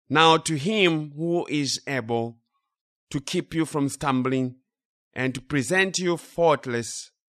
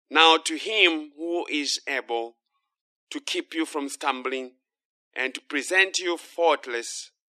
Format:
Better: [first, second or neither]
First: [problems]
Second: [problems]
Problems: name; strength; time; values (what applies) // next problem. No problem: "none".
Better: first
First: none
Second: thin; somewhat; fading below 300 Hz